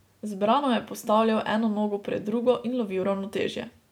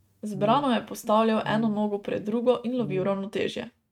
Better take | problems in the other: first | noise reduction (neural mask model RNNoise)

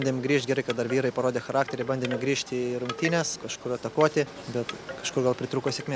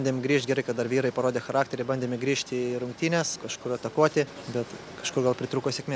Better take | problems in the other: second | background sound (Wind chime / Wood); 14 dB below the speech

